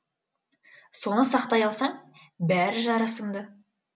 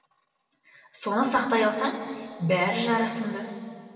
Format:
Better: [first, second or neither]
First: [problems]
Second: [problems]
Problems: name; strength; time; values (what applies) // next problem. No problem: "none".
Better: first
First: none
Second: room echo; dies away in 2.9 s